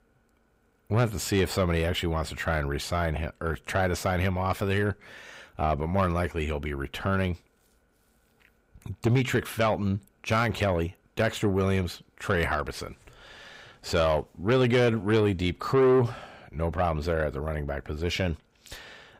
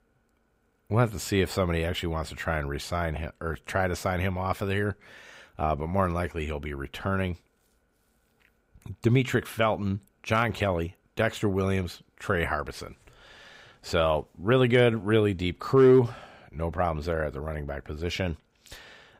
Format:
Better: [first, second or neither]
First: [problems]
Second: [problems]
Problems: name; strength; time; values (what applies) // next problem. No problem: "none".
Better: second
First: distortion; slight; 10 dB below the speech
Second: none